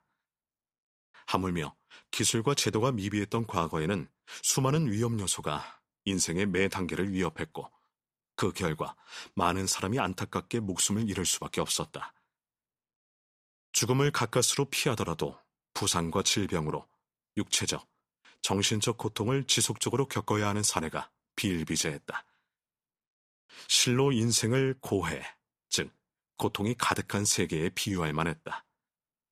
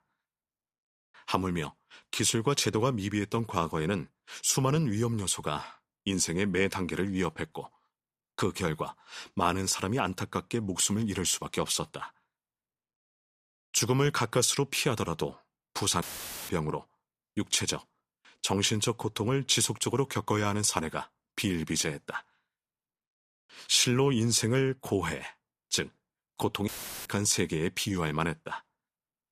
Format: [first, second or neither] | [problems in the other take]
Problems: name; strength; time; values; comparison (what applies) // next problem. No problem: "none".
first | audio cutting out; filled with static; at 16 s and at 27 s